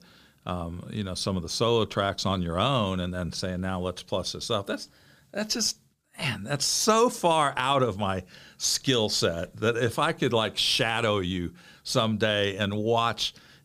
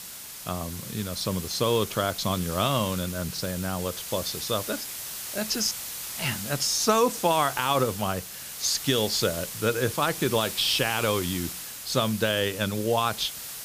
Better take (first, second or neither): first